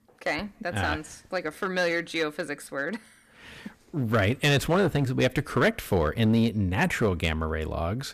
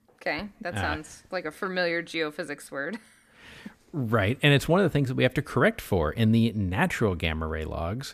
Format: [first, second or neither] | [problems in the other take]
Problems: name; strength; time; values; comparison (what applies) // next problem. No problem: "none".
second | distortion; slight; 4% of the sound clipped